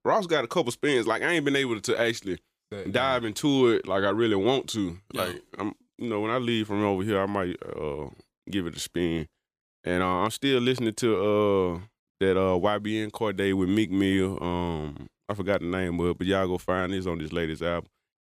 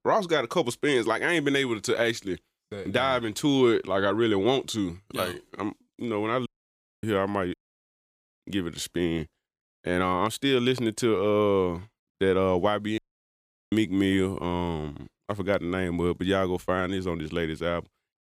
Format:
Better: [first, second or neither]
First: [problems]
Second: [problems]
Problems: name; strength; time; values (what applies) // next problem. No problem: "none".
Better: first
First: none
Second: audio cutting out; at 6.5 s for 0.5 s, at 7.5 s for 1 s and at 13 s for 0.5 s